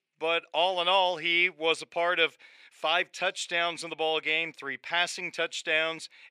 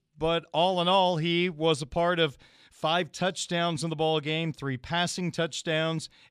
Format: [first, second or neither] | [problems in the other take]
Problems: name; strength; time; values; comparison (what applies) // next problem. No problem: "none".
second | thin; very; fading below 500 Hz